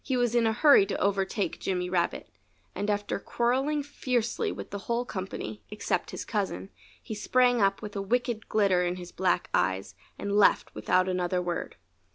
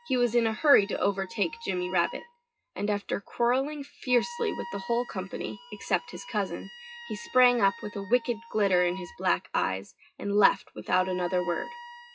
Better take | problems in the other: first | noise reduction (classical method WPE with log-MMSE)

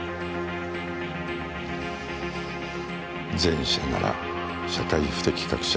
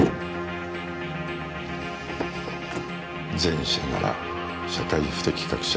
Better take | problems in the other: first | background sound (Motor vehicle (road)); 7 dB below the speech // room echo; dies away in 1.2 s

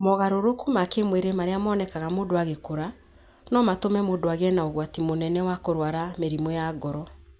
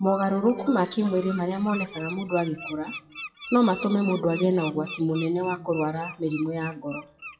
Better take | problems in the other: first | noise reduction (classical method WPE with log-MMSE)

